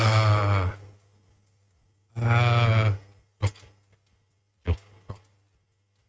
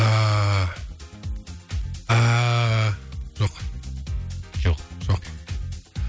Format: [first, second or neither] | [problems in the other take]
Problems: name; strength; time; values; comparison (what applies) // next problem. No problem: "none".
second | noise reduction (neural mask model RNNoise)